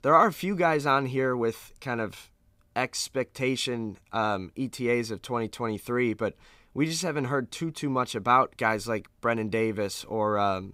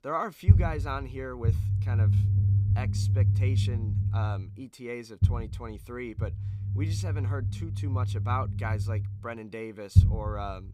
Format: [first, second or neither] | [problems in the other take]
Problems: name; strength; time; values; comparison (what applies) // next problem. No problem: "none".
first | low rumble; loud; throughout; 4 dB below the speech